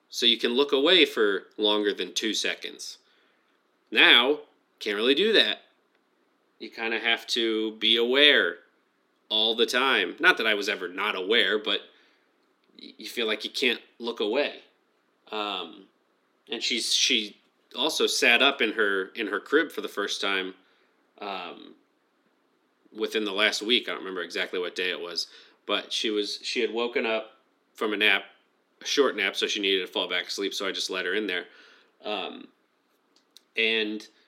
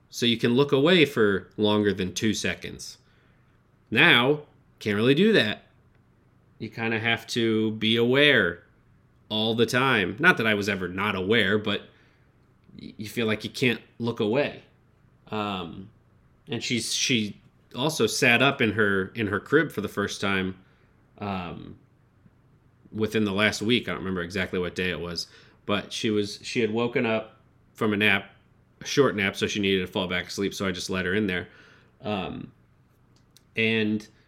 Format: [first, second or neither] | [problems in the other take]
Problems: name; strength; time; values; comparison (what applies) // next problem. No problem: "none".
second | thin; somewhat; fading below 250 Hz